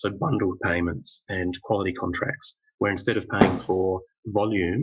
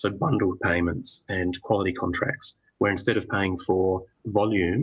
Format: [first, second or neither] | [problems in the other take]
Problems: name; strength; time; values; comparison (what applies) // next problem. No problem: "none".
second | noise reduction (classical method Wiener filter)